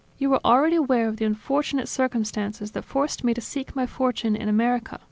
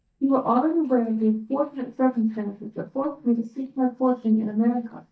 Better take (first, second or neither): first